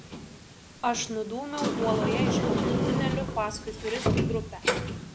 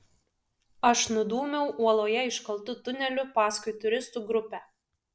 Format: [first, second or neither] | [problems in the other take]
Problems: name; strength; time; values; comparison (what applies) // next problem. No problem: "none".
second | background sound (Sliding door); 4 dB above the speech